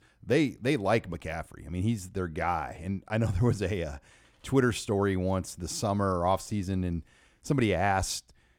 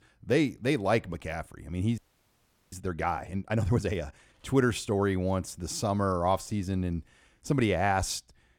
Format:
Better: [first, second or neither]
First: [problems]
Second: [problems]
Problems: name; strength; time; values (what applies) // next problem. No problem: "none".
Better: first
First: none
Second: audio freezing; at 2 s for 0.5 s